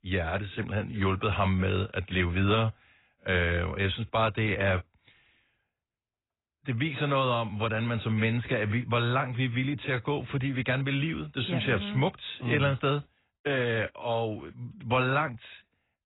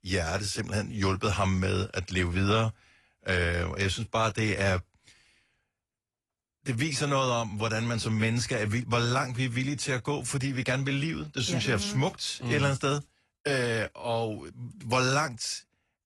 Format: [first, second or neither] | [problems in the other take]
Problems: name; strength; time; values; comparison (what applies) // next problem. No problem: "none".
second | garbled, watery; badly; nothing above 4 kHz; slightly in the second